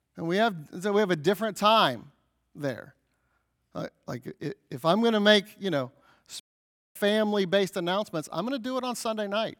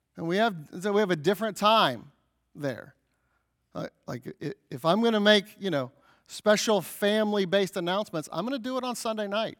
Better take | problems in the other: second | audio cutting out; at 6.5 s for 0.5 s

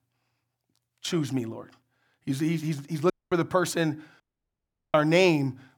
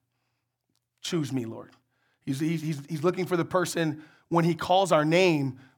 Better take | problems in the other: second | audio cutting out; at 3 s and at 4 s for 0.5 s

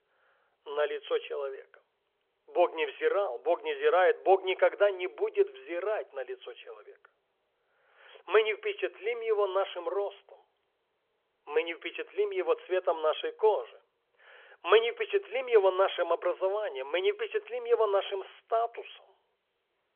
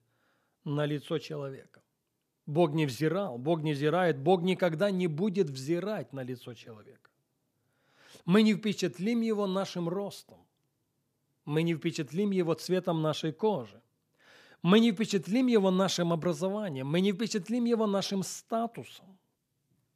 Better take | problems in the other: second | phone-call audio; nothing above 3.5 kHz

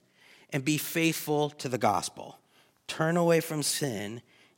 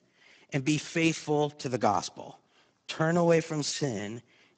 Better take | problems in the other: first | garbled, watery; badly; nothing above 8 kHz

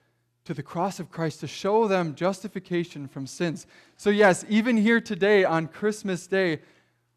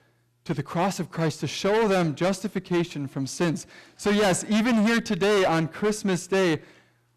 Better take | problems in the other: first | distortion; heavy; 18% of the sound clipped

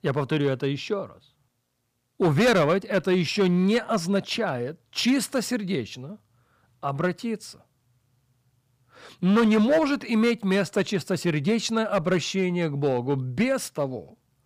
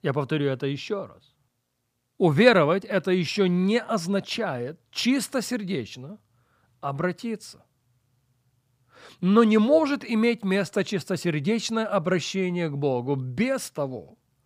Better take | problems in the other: second | distortion; slight; 4% of the sound clipped

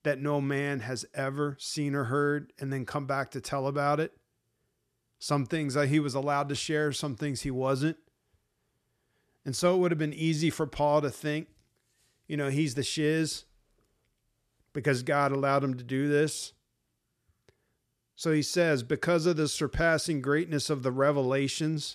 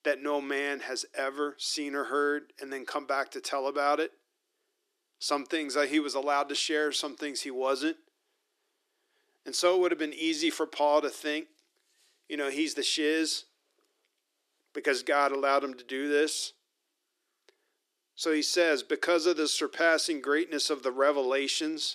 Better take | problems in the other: first | thin; somewhat; fading below 300 Hz

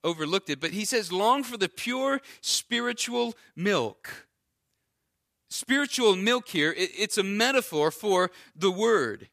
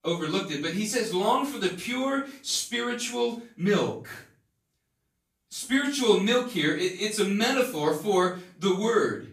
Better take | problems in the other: first | off-mic speech; far // room echo; noticeable; dies away in 0.4 s

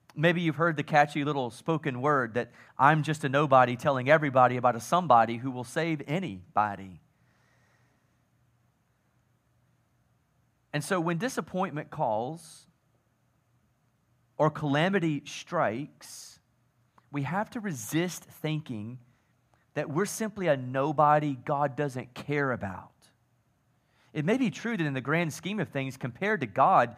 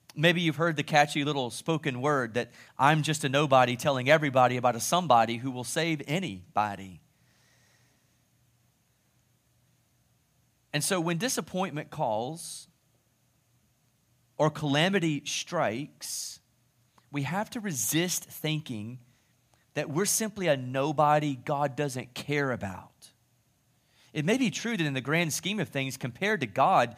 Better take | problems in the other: second | muffled; slightly; fading above 2.5 kHz

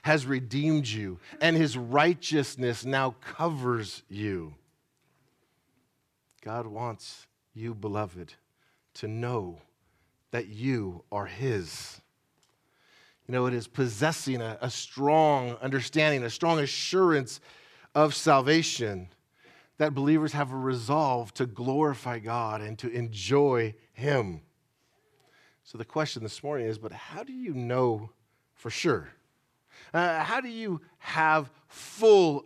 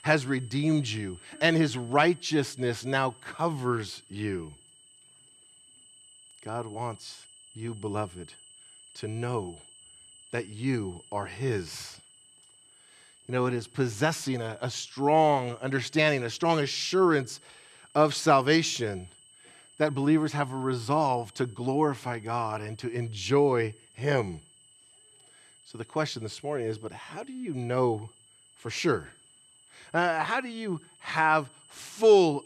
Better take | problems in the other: first | high-pitched whine; faint; throughout; 8 kHz, 25 dB below the speech

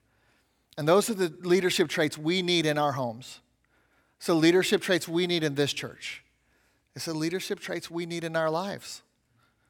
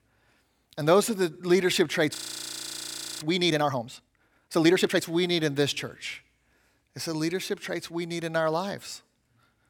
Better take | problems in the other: first | audio freezing; at 2 s for 1 s

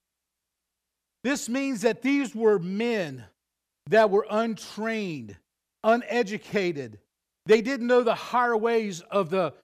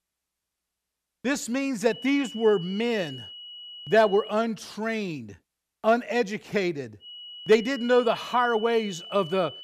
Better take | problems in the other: first | high-pitched whine; noticeable; from 2 to 4.5 s and from 7 s on; 3 kHz, 15 dB below the speech

